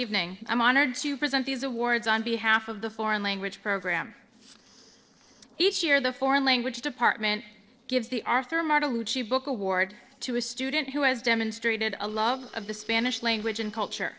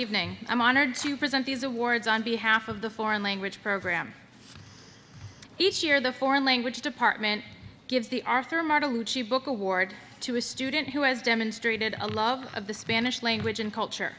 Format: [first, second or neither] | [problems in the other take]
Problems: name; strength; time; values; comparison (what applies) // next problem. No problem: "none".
second | noise reduction (neural separator model SepFormer DNS4)